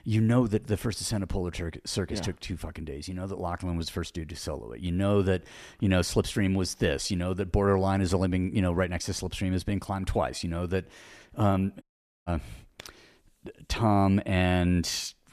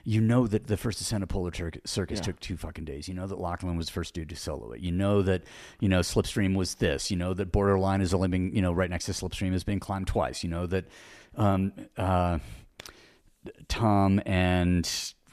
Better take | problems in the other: second | audio cutting out; at 12 s

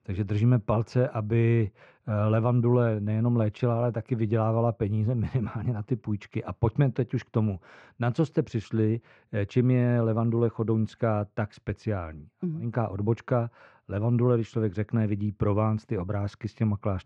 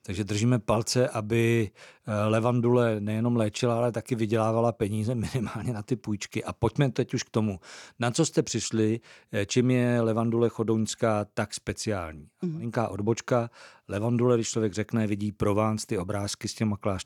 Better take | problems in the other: second | muffled; very; fading above 2 kHz

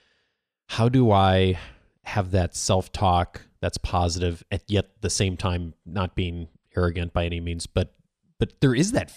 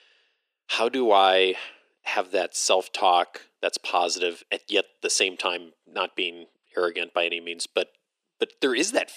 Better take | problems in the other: first | thin; very; fading below 350 Hz

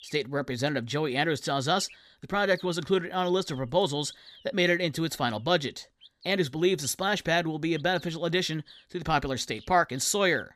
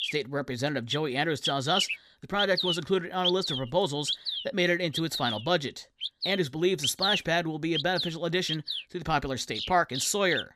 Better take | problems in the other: first | animal sounds; loud; throughout; 3 dB below the speech; faint in the first

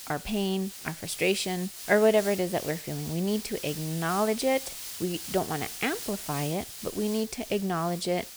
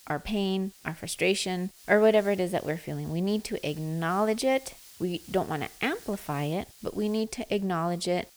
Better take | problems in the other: second | hiss; loud; throughout; 9 dB below the speech; faint in the second

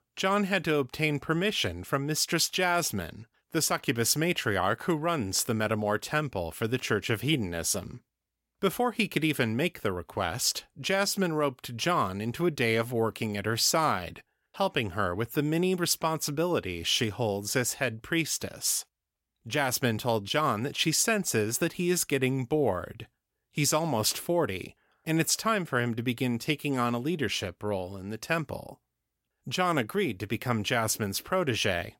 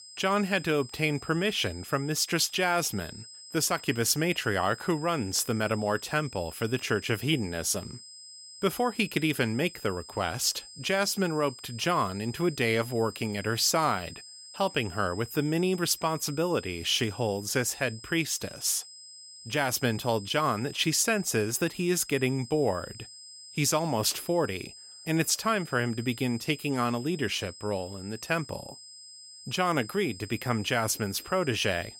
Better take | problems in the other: first | high-pitched whine; noticeable; throughout; 5 kHz, 15 dB below the speech

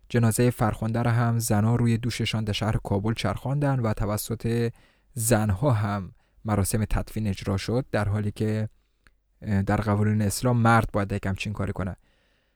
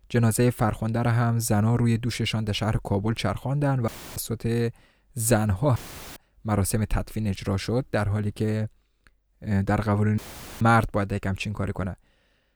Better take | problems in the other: first | audio cutting out; filled with static; at 4 s, at 6 s and at 10 s

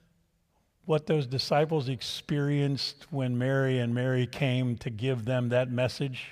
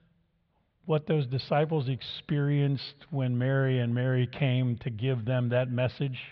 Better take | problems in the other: first | muffled; slightly; fading above 4 kHz

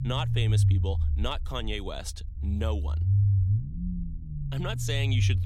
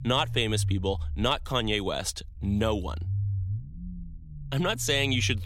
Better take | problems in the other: second | low rumble; loud; throughout; 7 dB below the speech; faint in the second

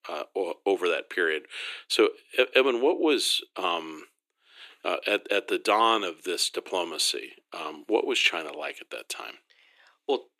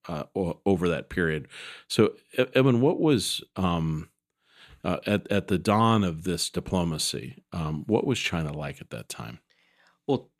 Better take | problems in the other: second | thin; very; fading below 350 Hz

